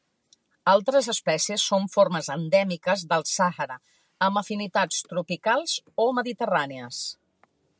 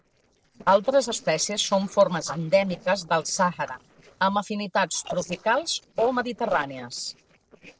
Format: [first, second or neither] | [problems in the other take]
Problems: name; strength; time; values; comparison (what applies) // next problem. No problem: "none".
first | noise reduction (neural separator model SepFormer DNS4)